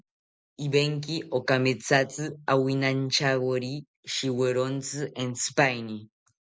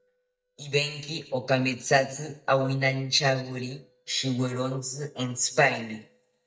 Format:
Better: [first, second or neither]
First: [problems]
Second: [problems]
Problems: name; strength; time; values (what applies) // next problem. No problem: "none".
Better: first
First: none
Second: noise reduction (neural mask model DeepFilterNet 3)